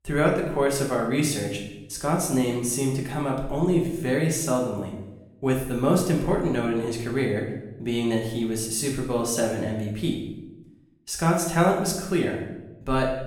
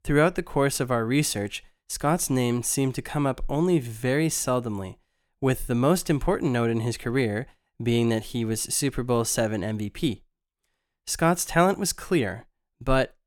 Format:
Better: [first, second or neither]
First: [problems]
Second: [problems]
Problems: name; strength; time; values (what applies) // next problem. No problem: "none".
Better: second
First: room echo; noticeable; dies away in 0.8 s // off-mic speech; far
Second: none